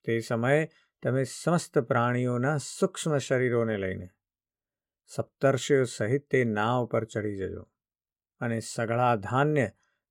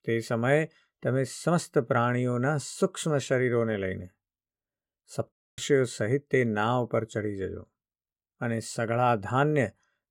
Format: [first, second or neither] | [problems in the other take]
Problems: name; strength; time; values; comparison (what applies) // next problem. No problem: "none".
first | audio cutting out; at 5.5 s